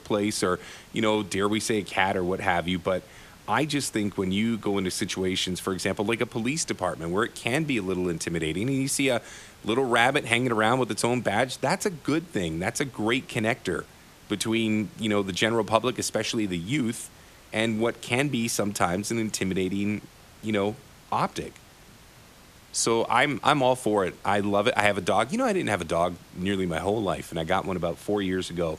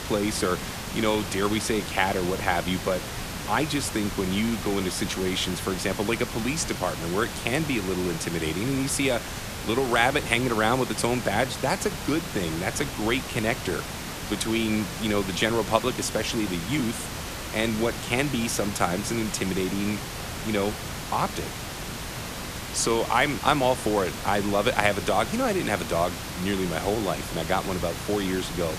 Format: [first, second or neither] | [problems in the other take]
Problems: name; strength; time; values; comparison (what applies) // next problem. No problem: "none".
first | hiss; loud; throughout; 7 dB below the speech; faint in the first